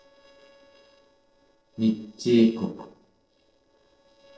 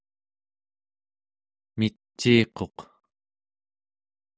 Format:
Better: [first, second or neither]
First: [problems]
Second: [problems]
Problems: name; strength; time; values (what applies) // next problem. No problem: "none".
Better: second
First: noise reduction (neural separator model SepFormer DNS4)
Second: none